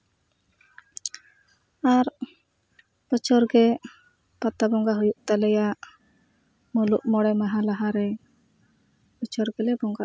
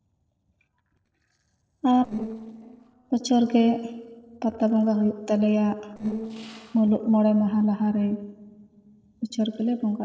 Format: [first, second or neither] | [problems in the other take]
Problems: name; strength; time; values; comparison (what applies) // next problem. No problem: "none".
first | noise reduction (neural separator model SepFormer DNS4)